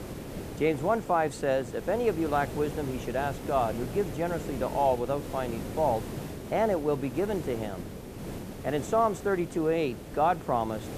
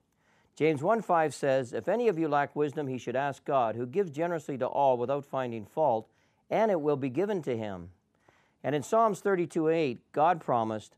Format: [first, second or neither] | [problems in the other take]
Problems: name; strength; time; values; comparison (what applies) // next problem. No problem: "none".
second | hiss; loud; throughout; 10 dB below the speech